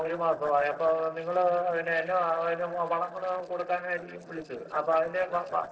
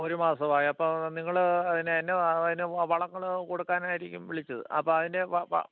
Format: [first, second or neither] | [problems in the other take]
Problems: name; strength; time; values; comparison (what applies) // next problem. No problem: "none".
second | noise reduction (neural separator model SepFormer DNS4)